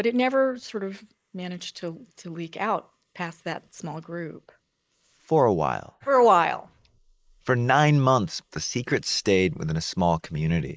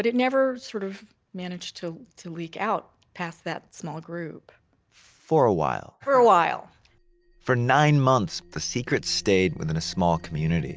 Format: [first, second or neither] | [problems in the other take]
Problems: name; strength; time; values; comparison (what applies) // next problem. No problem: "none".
second | noise reduction (neural mask model Resemble Enhance denoiser)